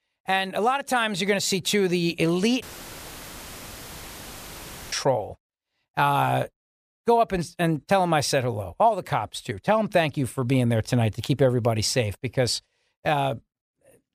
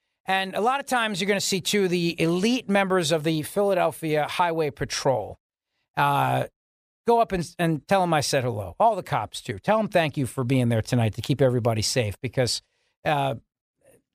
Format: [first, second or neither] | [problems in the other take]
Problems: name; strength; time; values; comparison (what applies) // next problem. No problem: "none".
second | audio cutting out; filled with static; at 2.5 s for 2.5 s